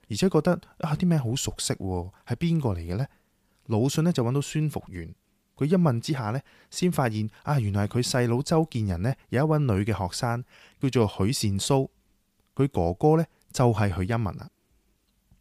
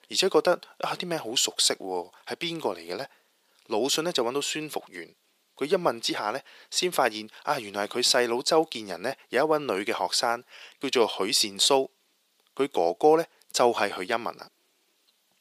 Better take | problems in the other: first | thin; very; fading below 400 Hz

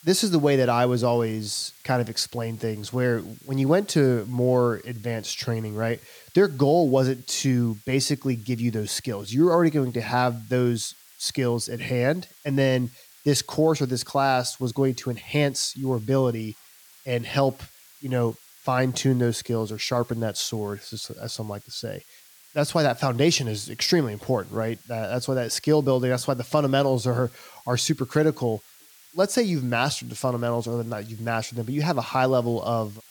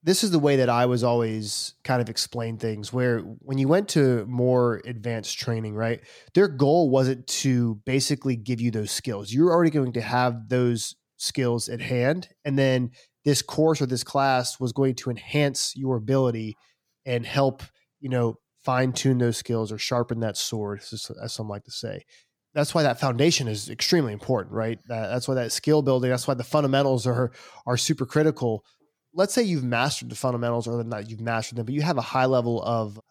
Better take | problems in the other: second | hiss; faint; throughout; 25 dB below the speech

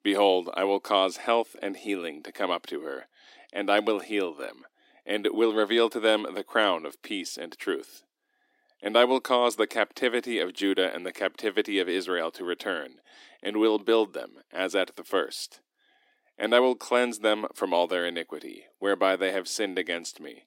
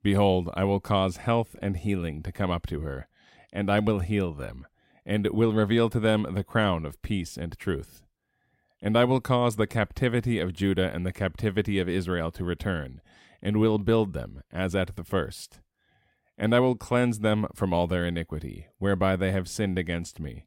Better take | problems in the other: second | thin; somewhat; fading below 300 Hz

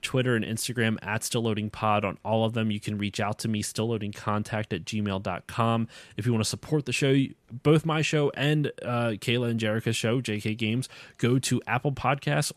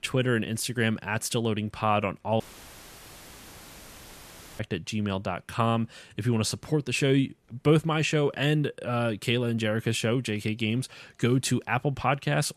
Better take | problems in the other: first | audio cutting out; filled with static; at 2.5 s for 2 s

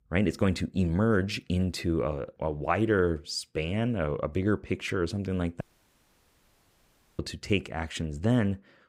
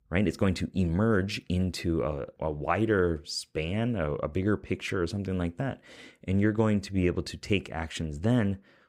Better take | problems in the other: second | audio cutting out; at 5.5 s for 1.5 s

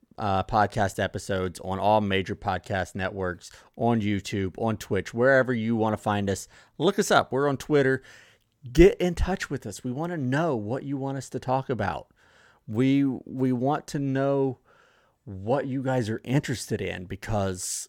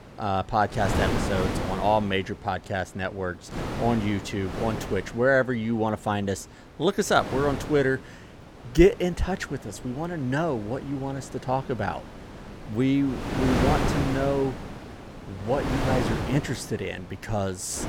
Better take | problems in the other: first | wind noise on the microphone; heavy; 6 dB below the speech

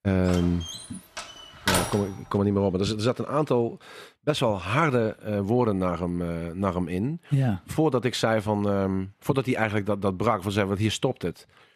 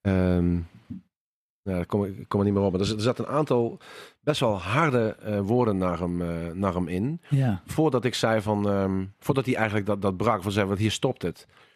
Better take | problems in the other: second | door banging; loud; until 2 s; peak 1 dB above the speech

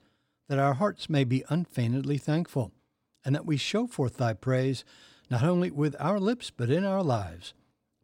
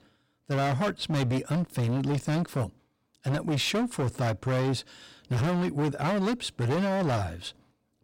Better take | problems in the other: first | distortion; heavy; 24% of the sound clipped

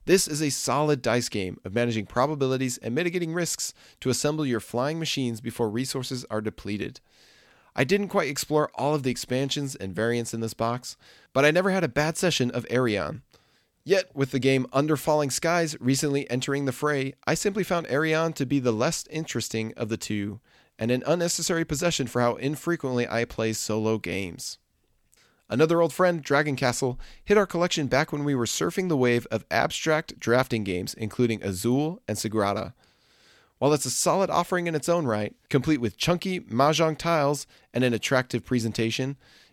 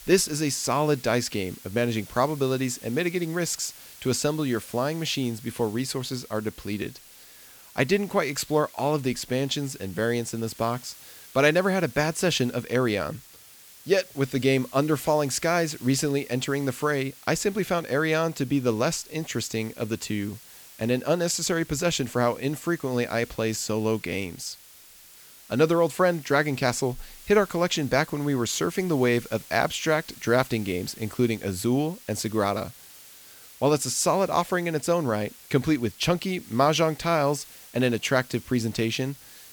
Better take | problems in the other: first | hiss; noticeable; throughout; 20 dB below the speech

